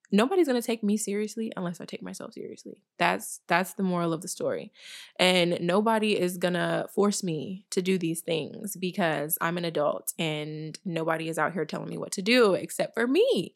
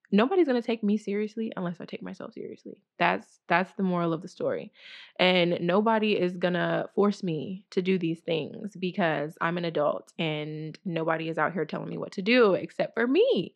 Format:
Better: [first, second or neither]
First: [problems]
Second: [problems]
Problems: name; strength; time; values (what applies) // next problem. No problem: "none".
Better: first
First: none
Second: muffled; slightly; fading above 3.5 kHz